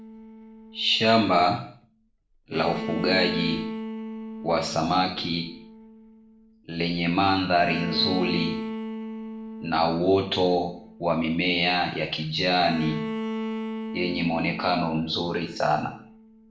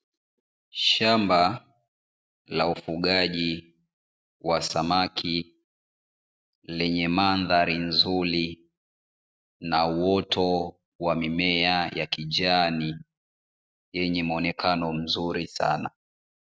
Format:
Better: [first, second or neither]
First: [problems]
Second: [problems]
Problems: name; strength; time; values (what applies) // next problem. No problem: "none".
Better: second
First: background sound (Bowed string instrument); 9 dB below the speech // room echo; dies away in 0.5 s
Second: none